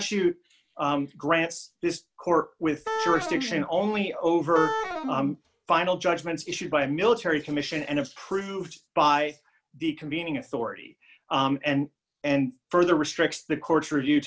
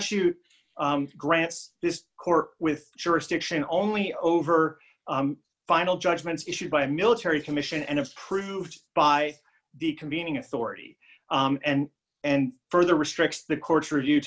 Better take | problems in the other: second | background sound (Wind instrument, woodwind instrument); 5 dB below the speech

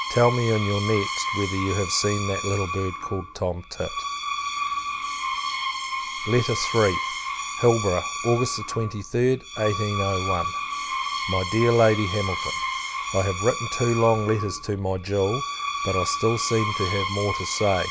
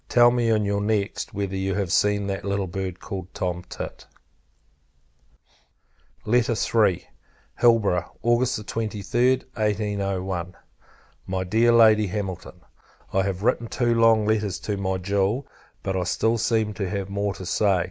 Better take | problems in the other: second | background sound (Screech); 5 dB below the speech

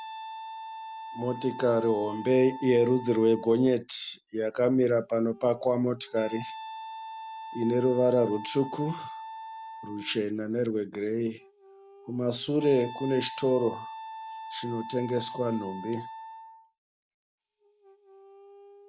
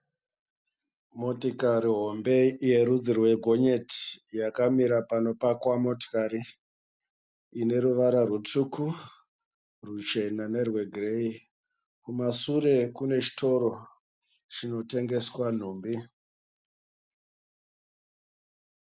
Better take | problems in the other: second | background sound (Wind instrument, woodwind instrument); 14 dB below the speech

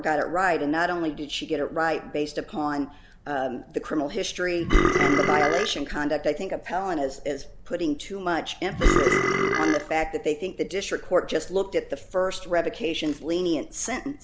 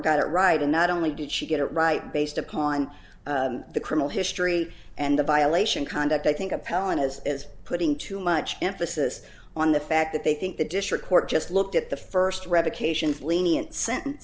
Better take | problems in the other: second | background sound (Burping, eructation); 4 dB above the speech

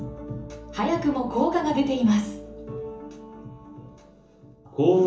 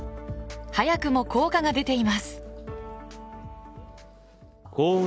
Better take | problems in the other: second | room echo; dies away in 0.7 s

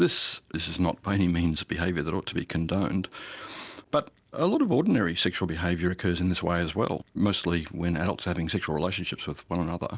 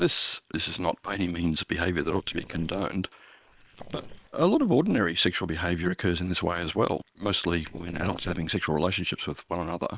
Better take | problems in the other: first | noise reduction (neural separator model SepFormer WHAM!)

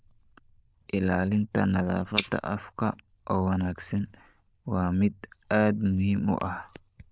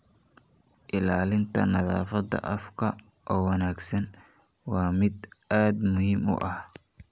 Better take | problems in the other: second | noise reduction (neural diffusion model UNIVERSE++)

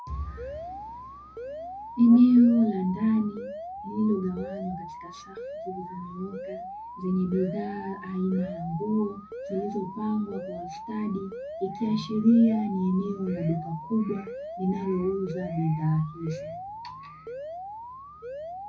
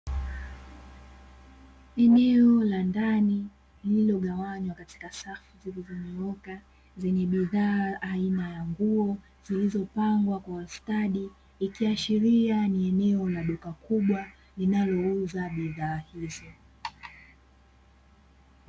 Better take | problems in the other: second | background sound (Alarm); 12 dB below the speech // room echo; dies away in 0.4 s

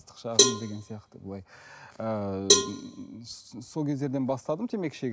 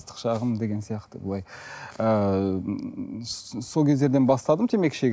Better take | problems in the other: second | background sound (Cowbell); 4 dB above the speech

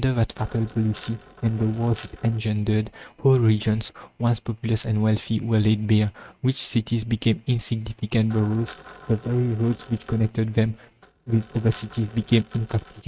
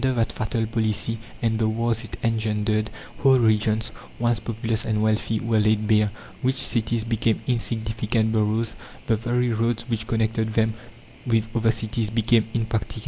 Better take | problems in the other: second | noise reduction (neural mask model RNNoise)

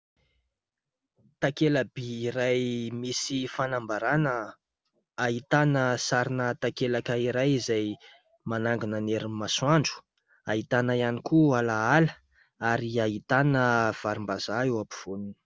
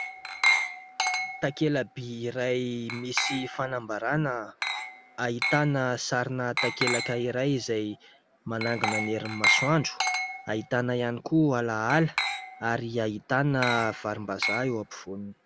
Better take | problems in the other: first | background sound (Glass); 4 dB below the speech

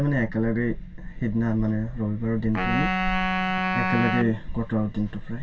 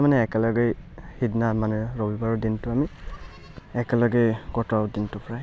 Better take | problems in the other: second | background sound (Wind instrument, woodwind instrument); 2 dB below the speech // room echo; dies away in 0.1 s

